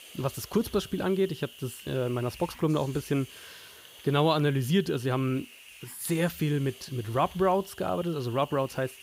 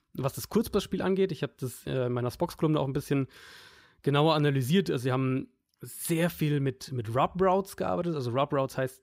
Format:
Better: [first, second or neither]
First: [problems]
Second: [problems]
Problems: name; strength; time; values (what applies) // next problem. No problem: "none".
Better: second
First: hiss; noticeable; throughout; 20 dB below the speech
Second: none